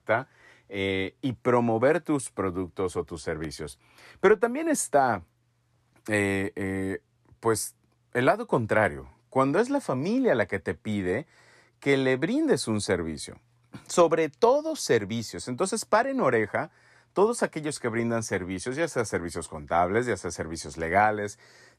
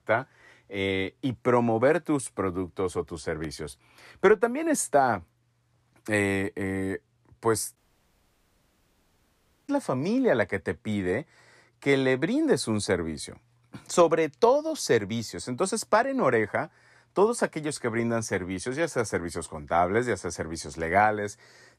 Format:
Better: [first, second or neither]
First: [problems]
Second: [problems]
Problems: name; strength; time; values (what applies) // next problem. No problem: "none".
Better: first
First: none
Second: audio cutting out; at 8 s for 2 s